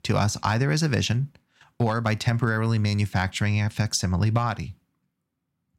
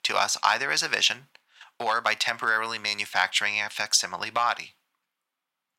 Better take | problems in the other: first | thin; very; fading below 900 Hz

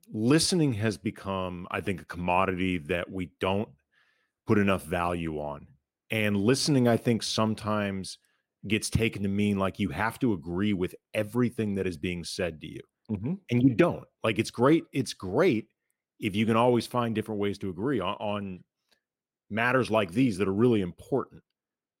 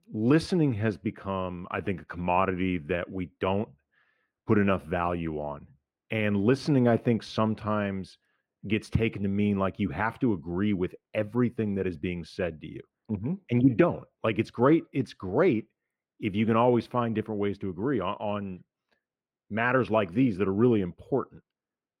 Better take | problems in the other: first | muffled; slightly; fading above 4 kHz

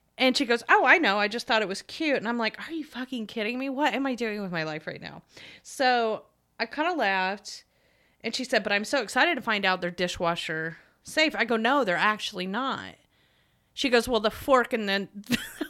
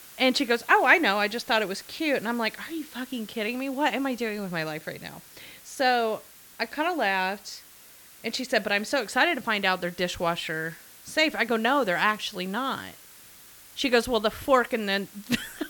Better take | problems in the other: first | hiss; faint; throughout; 20 dB below the speech

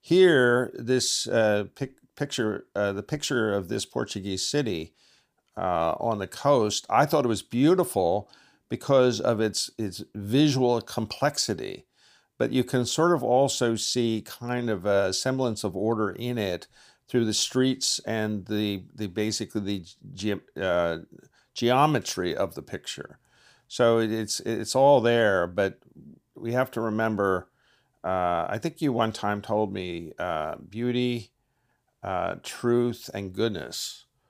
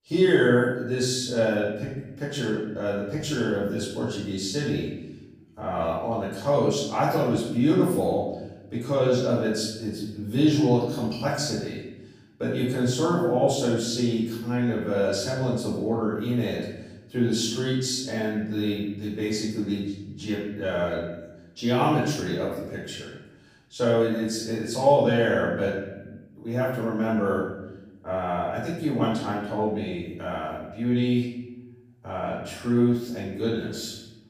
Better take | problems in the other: first | off-mic speech; far // room echo; noticeable; dies away in 0.9 s

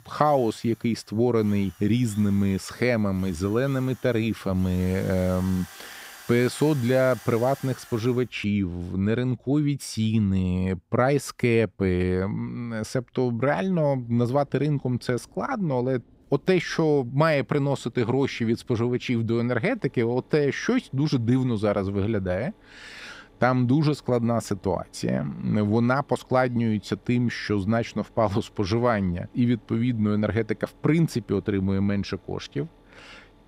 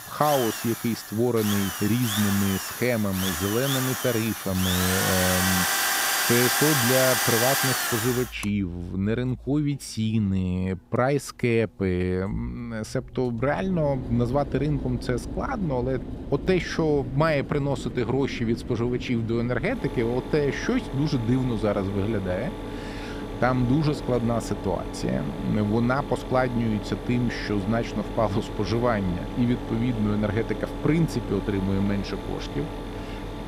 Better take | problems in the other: first | machinery noise; loud; throughout; 3 dB below the speech; faint in the first

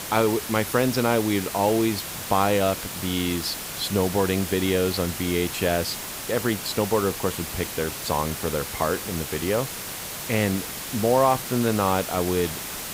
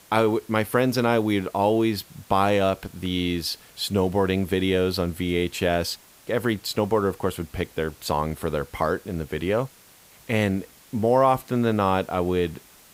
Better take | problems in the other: second | hiss; loud; throughout; 6 dB below the speech; faint in the second

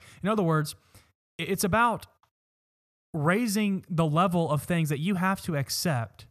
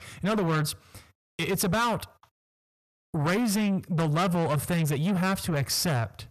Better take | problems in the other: first | distortion; heavy; 7 dB below the speech

